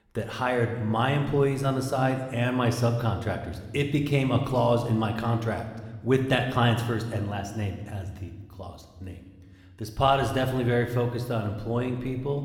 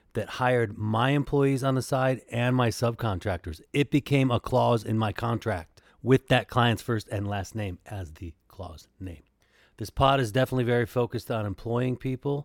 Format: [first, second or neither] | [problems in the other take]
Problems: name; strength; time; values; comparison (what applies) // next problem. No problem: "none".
second | room echo; slight; dies away in 1.2 s